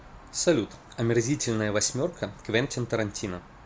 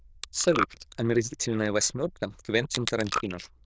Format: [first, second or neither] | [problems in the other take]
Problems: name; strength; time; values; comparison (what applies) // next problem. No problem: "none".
first | noise reduction (neural diffusion model UNIVERSE++)